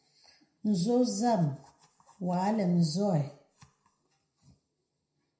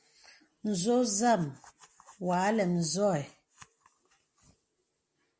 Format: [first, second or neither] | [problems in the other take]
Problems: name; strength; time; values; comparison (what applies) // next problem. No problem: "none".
second | room echo; dies away in 0.5 s